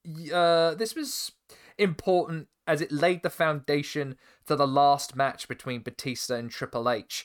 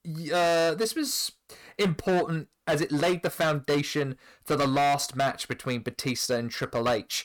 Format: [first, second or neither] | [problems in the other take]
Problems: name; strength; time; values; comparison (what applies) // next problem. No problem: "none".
first | distortion; heavy; 12% of the sound clipped